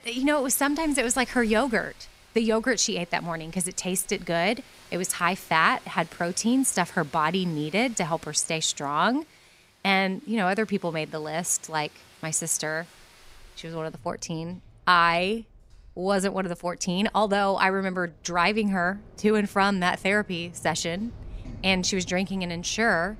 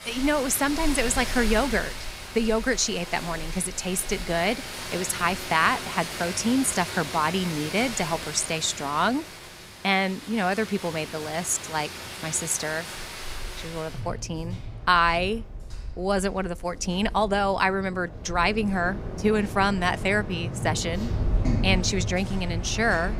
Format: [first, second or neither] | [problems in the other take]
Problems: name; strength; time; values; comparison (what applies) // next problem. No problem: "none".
first | rain or running water; loud; throughout; 8 dB below the speech; faint in the first